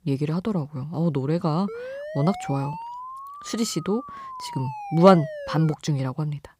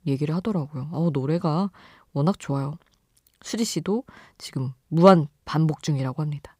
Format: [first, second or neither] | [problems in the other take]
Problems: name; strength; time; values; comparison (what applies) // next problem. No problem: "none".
second | siren; faint; from 1.5 to 5.5 s; peak 10 dB below the speech